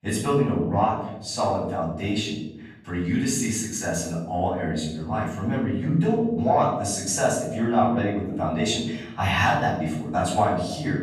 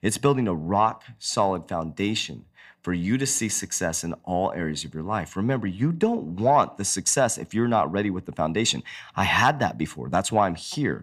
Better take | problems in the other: second | room echo; noticeable; dies away in 0.9 s // off-mic speech; far

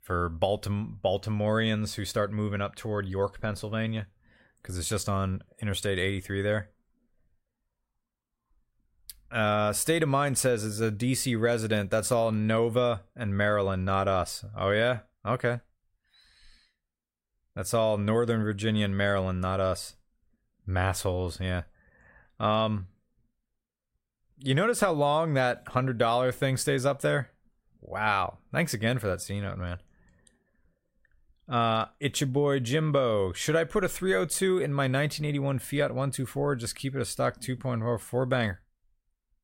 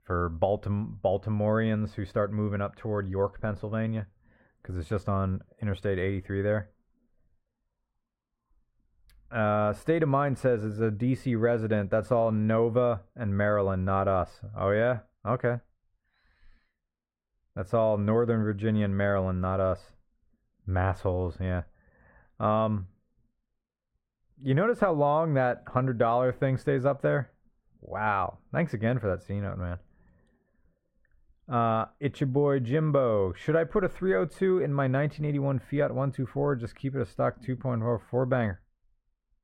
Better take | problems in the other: first | muffled; very; fading above 3 kHz

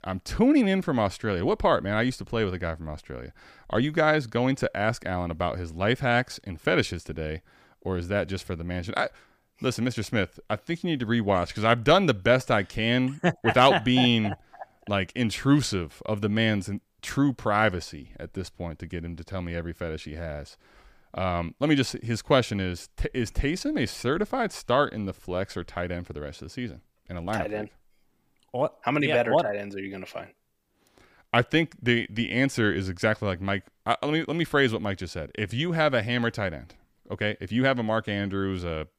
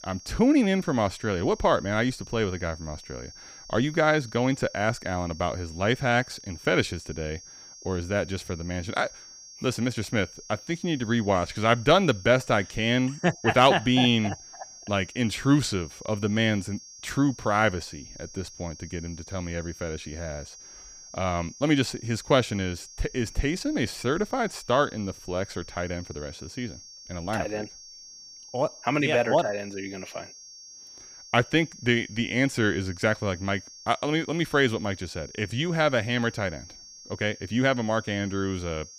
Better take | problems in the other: first | high-pitched whine; noticeable; throughout; 5.5 kHz, 15 dB below the speech

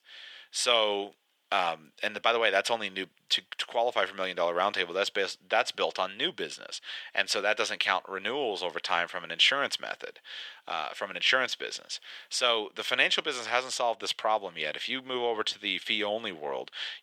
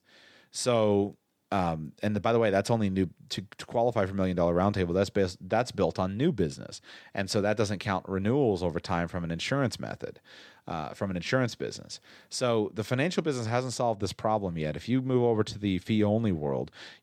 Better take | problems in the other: second | thin; very; fading below 600 Hz

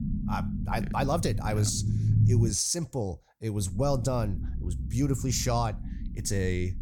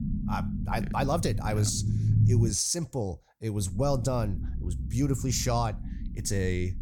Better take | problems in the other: neither | low rumble; noticeable; until 2.5 s and from 3.5 s on; 10 dB below the speech; the same in both

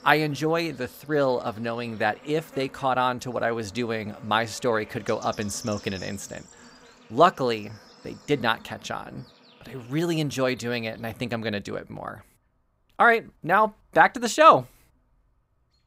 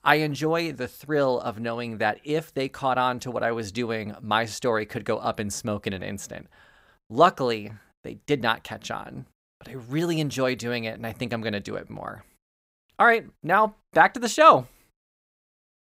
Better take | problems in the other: second | animal sounds; faint; throughout; 25 dB below the speech

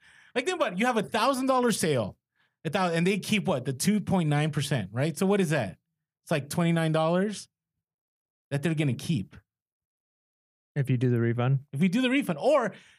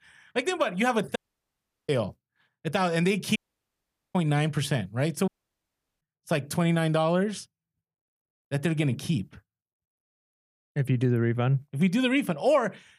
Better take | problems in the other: first | audio cutting out; at 1 s for 0.5 s, at 3.5 s for 1 s and at 5.5 s for 0.5 s

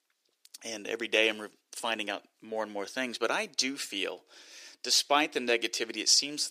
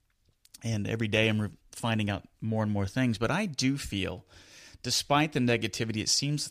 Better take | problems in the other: second | thin; somewhat; fading below 350 Hz

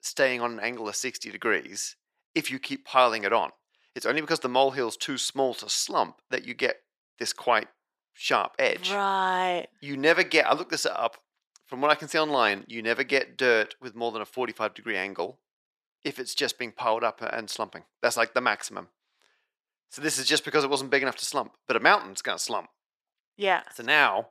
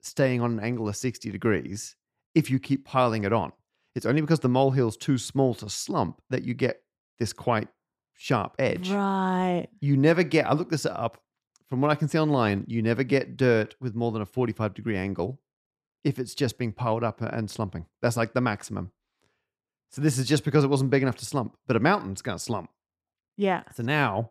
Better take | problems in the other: second | thin; very; fading below 550 Hz

